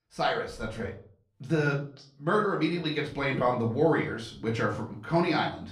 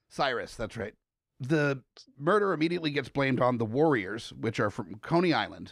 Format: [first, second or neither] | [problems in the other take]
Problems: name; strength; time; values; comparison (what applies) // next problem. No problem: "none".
second | room echo; slight; dies away in 0.4 s // off-mic speech; far